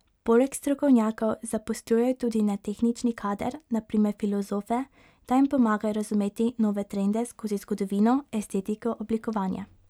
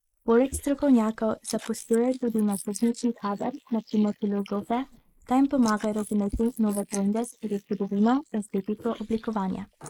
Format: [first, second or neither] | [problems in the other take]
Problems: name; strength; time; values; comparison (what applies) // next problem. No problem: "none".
first | noise reduction (neural mask model Resemble Enhance denoiser)